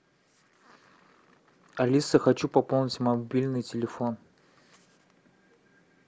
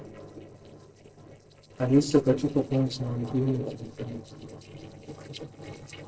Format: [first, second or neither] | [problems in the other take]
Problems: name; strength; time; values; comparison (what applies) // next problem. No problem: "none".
first | noise reduction (neural separator model SepFormer DNS4)